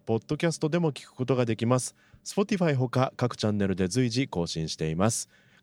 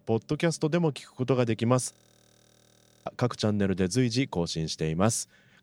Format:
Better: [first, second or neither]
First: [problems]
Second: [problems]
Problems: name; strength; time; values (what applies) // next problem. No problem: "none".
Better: first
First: none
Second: audio freezing; at 2 s for 1 s